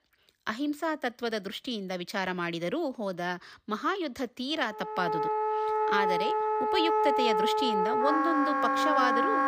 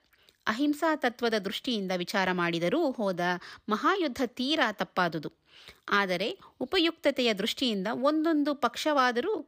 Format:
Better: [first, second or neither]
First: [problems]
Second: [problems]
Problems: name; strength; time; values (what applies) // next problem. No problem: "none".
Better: second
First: background music; very loud; from 5 s on; 4 dB above the speech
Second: none